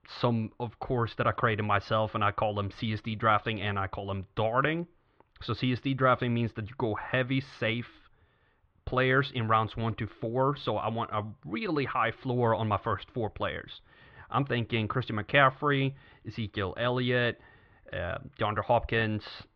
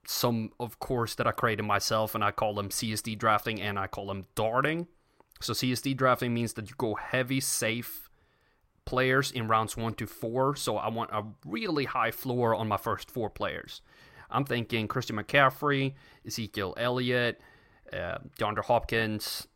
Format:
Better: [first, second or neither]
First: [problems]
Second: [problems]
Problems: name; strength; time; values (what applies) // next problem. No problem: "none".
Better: second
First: muffled; very; fading above 3.5 kHz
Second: none